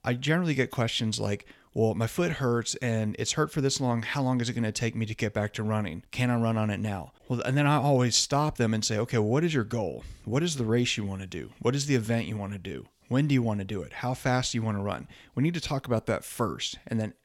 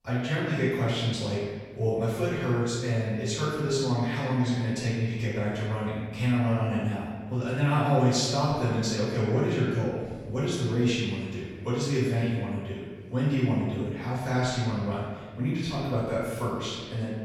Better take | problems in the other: first | room echo; strong; dies away in 1.4 s // off-mic speech; far

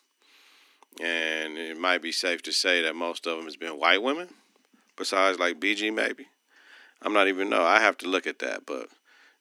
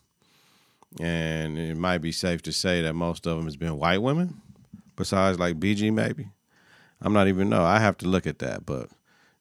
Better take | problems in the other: second | thin; somewhat; fading below 250 Hz

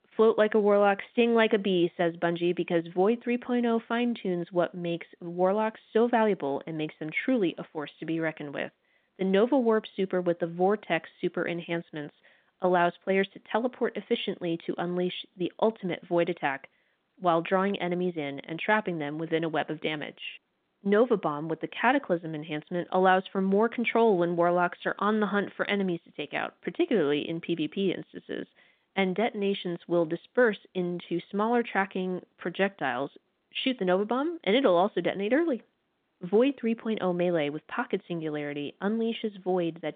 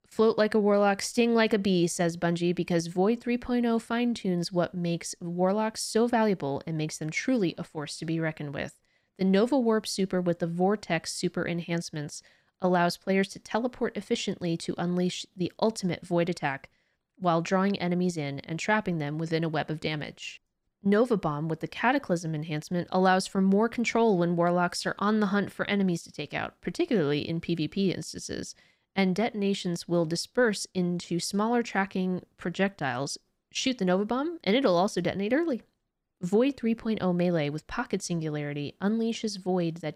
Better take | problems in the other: second | phone-call audio

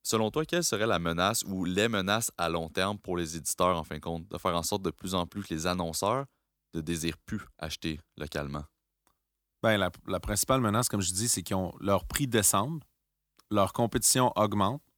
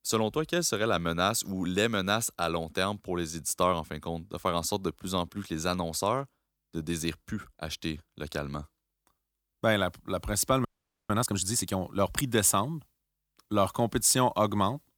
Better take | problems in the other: first | audio freezing; at 11 s

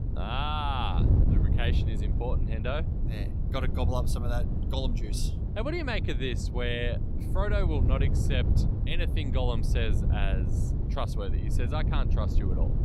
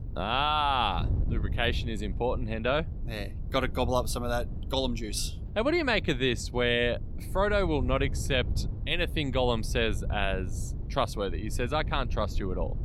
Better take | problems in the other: second | wind noise on the microphone; heavy; 7 dB below the speech; occasional gusts in the second

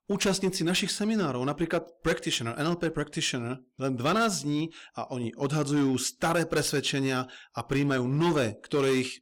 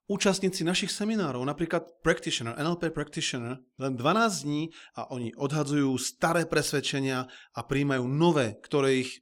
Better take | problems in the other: second | distortion; slight; 6% of the sound clipped

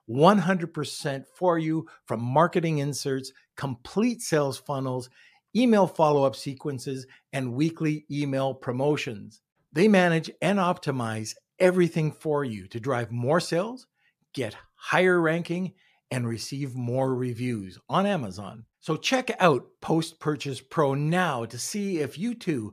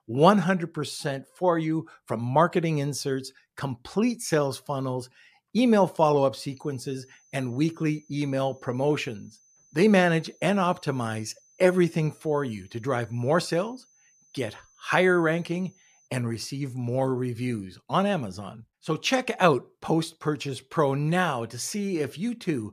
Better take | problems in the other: first | high-pitched whine; faint; from 6.5 to 16 s; 6 kHz, 30 dB below the speech

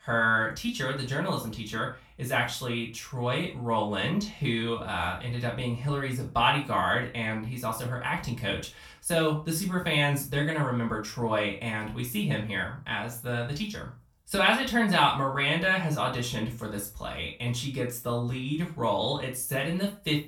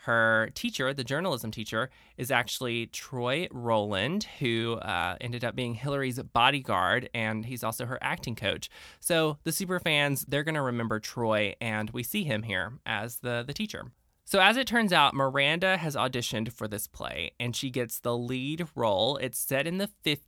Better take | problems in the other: second | off-mic speech; far // room echo; slight; dies away in 0.3 s

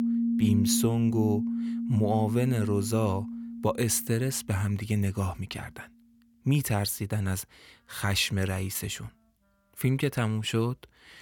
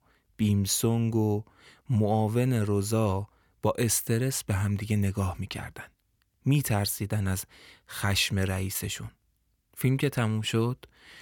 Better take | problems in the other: second | background music; loud; throughout; 3 dB below the speech

